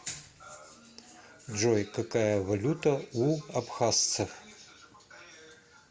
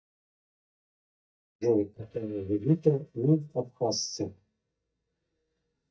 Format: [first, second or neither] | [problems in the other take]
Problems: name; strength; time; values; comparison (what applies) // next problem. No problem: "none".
first | noise reduction (neural mask model DeepFilterNet 3)